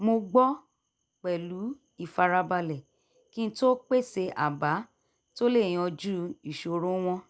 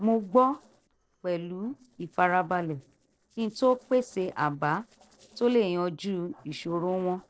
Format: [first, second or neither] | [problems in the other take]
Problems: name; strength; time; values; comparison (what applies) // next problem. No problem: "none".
first | noise reduction (neural separator model SepFormer DNS4)